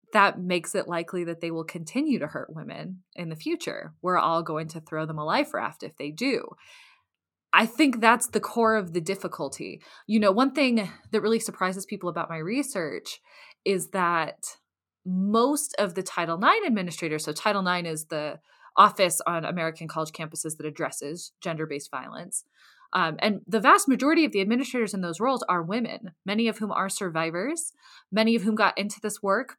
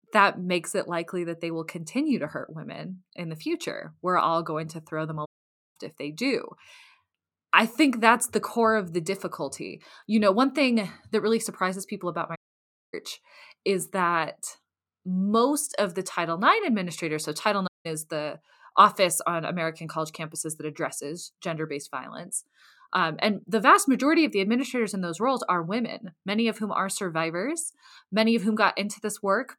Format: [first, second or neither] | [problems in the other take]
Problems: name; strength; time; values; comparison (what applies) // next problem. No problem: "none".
first | audio cutting out; at 5.5 s for 0.5 s, at 12 s for 0.5 s and at 18 s